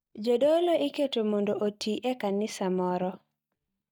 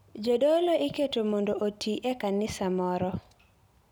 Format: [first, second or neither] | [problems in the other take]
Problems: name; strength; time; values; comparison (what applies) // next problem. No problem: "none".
second | noise reduction (neural mask model DeepFilterNet 3)